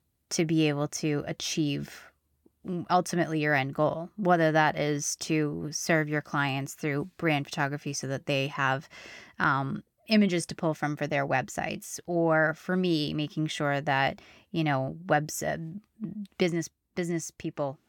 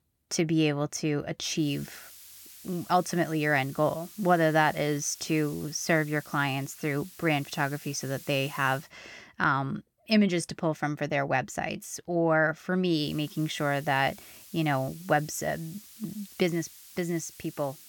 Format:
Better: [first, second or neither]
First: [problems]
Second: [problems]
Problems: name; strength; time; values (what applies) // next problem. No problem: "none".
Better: first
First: none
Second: hiss; noticeable; from 1.5 to 9 s and from 13 s on; 20 dB below the speech